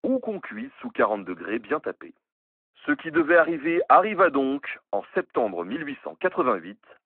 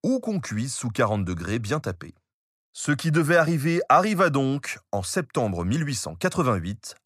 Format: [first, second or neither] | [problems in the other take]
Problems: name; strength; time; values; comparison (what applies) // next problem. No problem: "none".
second | phone-call audio